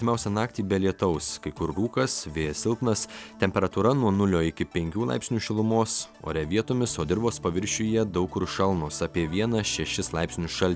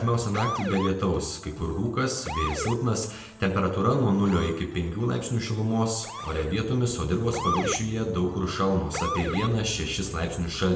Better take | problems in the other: first | background sound (Motor vehicle (road) / Siren); 11 dB below the speech // room echo; dies away in 0.7 s

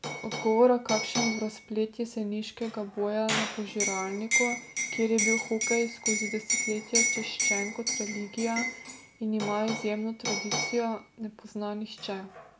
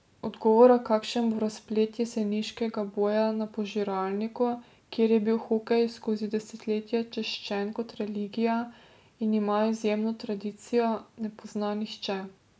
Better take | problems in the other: second | background sound (Liquid); 2 dB below the speech

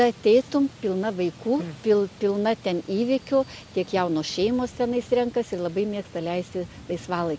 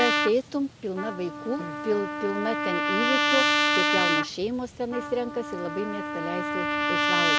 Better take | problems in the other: first | background sound (Trumpet); 3 dB above the speech

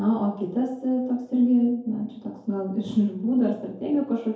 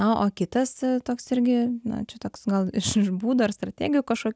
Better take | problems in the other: second | room echo; dies away in 2.3 s

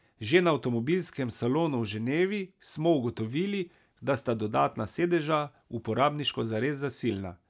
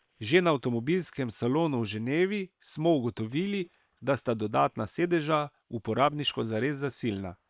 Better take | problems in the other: first | noise reduction (neural separator model SepFormer WHAM!)

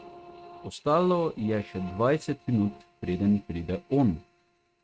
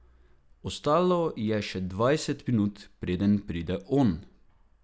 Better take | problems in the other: second | noise reduction (neural mask model RNNoise)

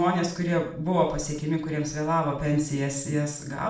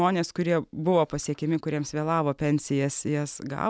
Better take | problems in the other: second | room echo; dies away in 0.5 s

